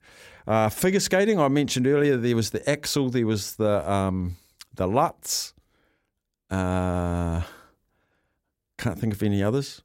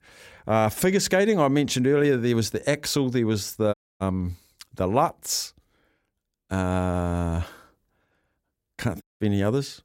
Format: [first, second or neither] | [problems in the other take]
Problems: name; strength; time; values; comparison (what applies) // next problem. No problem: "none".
first | audio cutting out; at 3.5 s and at 9 s